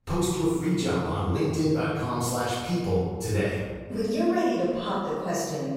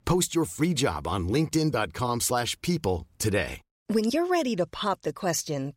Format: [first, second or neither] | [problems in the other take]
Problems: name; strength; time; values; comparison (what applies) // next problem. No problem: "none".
second | off-mic speech; far // room echo; strong; dies away in 1.4 s